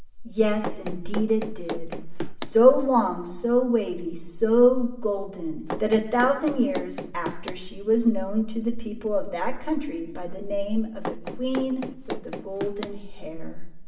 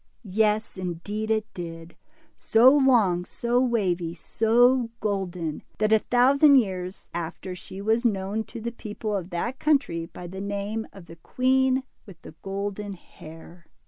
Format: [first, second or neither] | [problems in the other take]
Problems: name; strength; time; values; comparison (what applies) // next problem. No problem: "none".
second | background sound (Run); 11 dB below the speech // room echo; dies away in 0.7 s